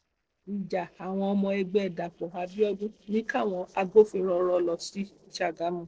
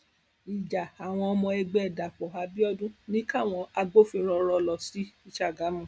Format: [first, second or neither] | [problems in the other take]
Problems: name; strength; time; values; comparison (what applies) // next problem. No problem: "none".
second | noise reduction (neural separator model SepFormer DNS4)